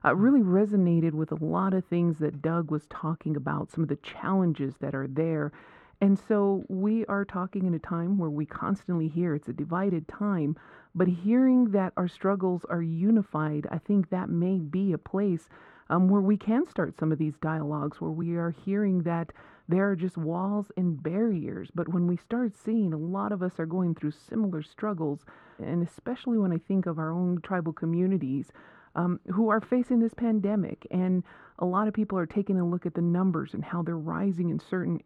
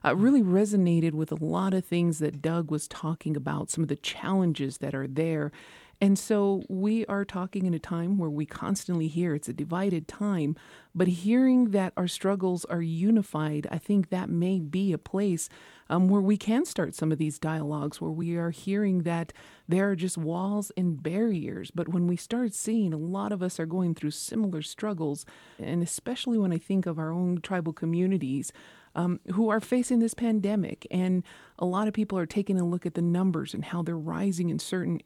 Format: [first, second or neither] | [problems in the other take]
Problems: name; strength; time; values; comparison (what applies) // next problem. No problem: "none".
second | muffled; very; fading above 3.5 kHz